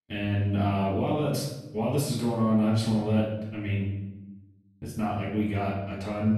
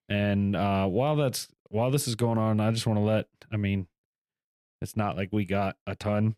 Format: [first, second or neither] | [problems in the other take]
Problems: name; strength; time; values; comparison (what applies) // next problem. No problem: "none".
second | off-mic speech; far // room echo; noticeable; dies away in 0.8 s